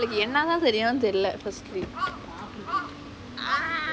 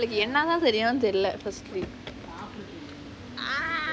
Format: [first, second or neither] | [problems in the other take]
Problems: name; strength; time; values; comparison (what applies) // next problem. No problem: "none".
second | background sound (Crow); 9 dB below the speech